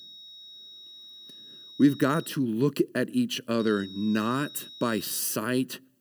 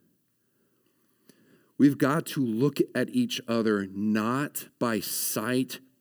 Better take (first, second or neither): second